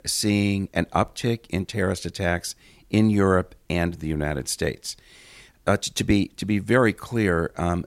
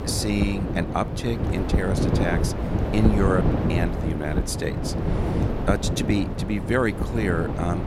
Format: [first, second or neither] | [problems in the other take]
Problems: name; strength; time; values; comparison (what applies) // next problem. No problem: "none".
first | wind noise on the microphone; heavy; 3 dB below the speech